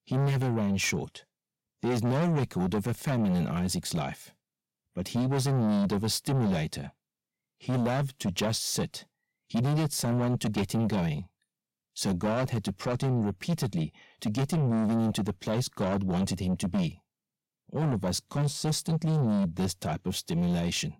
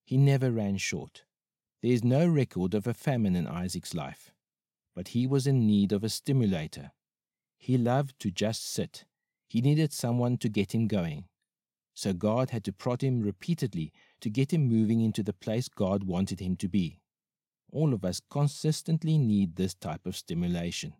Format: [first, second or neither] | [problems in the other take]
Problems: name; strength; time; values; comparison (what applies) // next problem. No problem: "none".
second | distortion; heavy; 6 dB below the speech